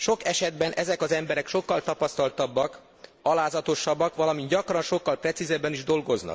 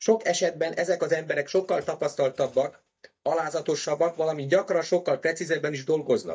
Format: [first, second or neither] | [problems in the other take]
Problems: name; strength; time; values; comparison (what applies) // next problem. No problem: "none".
first | noise reduction (neural mask model DeepFilterNet 3)